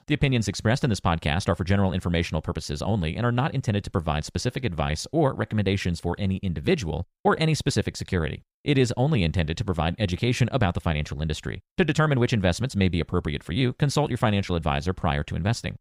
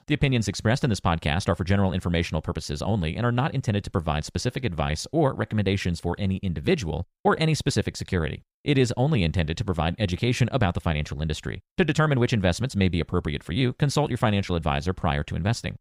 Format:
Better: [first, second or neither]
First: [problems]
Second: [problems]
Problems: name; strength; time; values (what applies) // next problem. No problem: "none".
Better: neither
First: none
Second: none